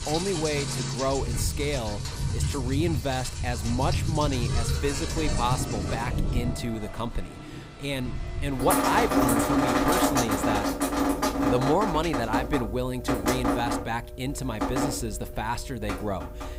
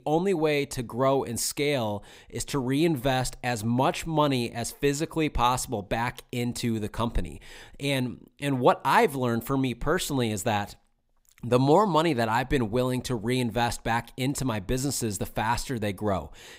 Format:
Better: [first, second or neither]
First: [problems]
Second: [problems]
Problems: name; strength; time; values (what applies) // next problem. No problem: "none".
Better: second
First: rain or running water; very loud; throughout; 2 dB above the speech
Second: none